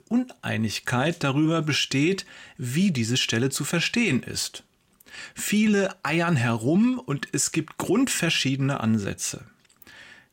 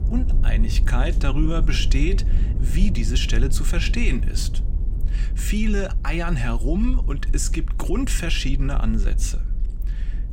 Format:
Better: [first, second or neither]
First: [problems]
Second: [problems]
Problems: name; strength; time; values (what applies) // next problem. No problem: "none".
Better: first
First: none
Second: low rumble; noticeable; throughout; 15 dB below the speech